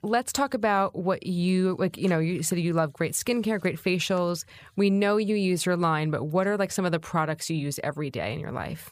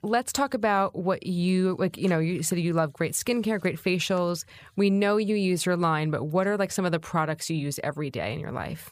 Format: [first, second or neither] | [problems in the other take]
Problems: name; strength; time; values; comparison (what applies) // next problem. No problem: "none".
neither | none